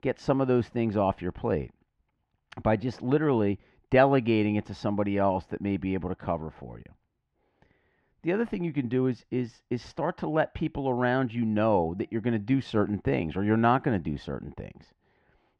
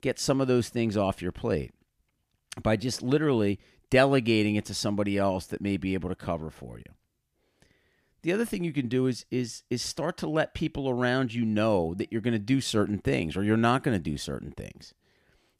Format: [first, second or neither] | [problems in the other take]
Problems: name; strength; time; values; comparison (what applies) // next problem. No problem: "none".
second | muffled; very; fading above 2 kHz